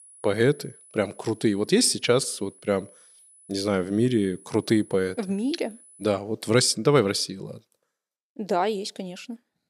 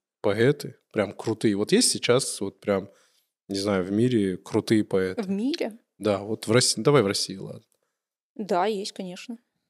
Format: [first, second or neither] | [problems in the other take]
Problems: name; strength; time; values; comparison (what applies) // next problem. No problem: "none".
second | high-pitched whine; faint; until 6 s; 10 kHz, 25 dB below the speech